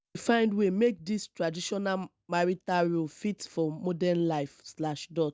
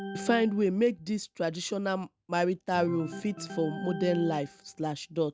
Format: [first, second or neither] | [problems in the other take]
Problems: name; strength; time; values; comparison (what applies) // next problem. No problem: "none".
first | background sound (Organ); 13 dB below the speech